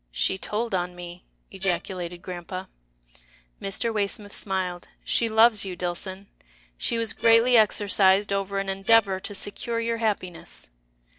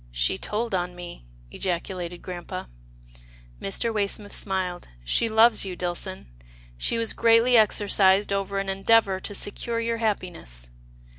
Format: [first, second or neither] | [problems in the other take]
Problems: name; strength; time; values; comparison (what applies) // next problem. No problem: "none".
second | noise reduction (neural separator model SepFormer DNS4)